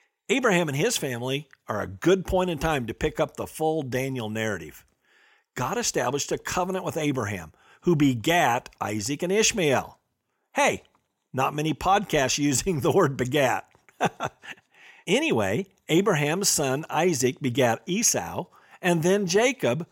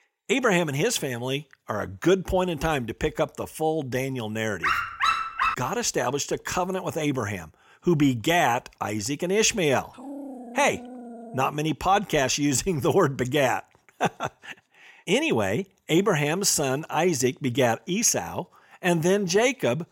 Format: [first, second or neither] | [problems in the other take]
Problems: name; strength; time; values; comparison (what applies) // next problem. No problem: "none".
first | dog barking; loud; at 4.5 s; peak 1 dB above the speech // dog barking; faint; from 10 to 11 s; peak 15 dB below the speech